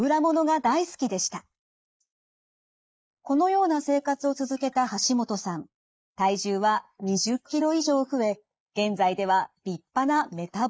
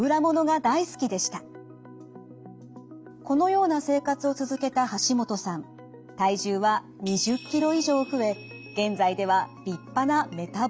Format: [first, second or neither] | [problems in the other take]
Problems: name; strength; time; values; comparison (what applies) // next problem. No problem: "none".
second | noise reduction (neural mask model Resemble Enhance denoiser)